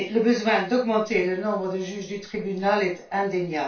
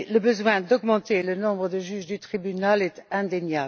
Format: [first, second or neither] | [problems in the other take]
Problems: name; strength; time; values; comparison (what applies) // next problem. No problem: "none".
second | room echo; dies away in 0.2 s